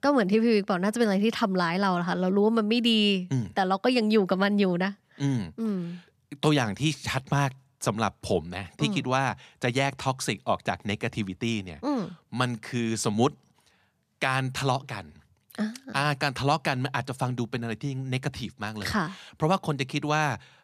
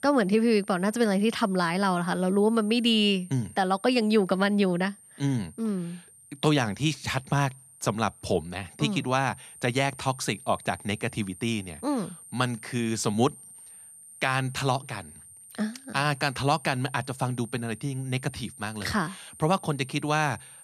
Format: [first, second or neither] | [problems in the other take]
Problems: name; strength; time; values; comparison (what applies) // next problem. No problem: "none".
first | high-pitched whine; noticeable; throughout; 9 kHz, 20 dB below the speech